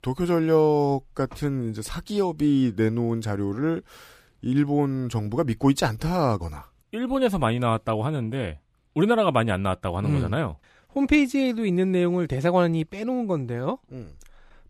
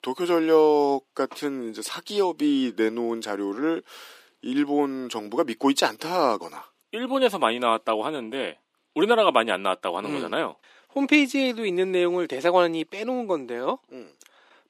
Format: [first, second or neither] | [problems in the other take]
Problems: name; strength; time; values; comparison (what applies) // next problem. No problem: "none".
first | thin; very slightly; fading below 300 Hz